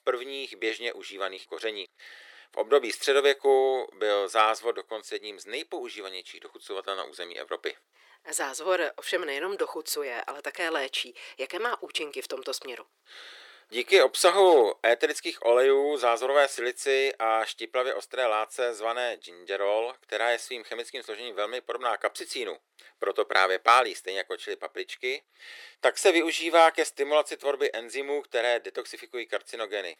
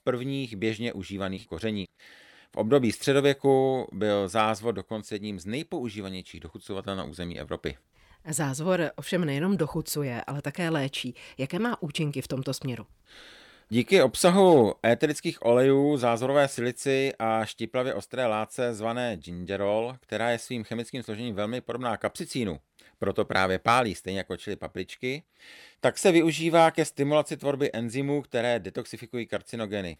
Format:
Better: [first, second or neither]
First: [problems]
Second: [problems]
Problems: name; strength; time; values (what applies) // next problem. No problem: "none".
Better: second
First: thin; very; fading below 400 Hz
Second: none